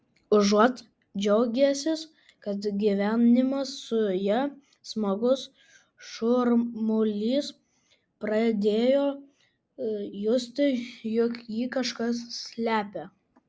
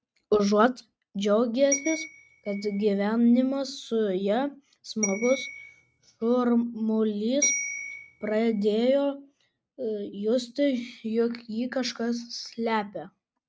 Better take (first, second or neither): first